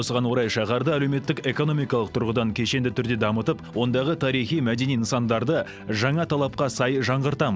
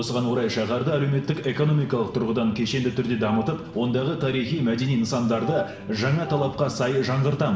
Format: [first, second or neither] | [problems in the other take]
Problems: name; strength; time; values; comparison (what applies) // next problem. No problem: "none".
first | background sound (Wind instrument, woodwind instrument); 14 dB below the speech // room echo; dies away in 1 s